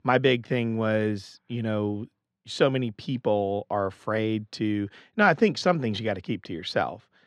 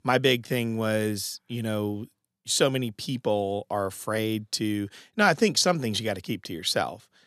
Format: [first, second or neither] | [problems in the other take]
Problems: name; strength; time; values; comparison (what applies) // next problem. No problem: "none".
second | muffled; slightly; fading above 2.5 kHz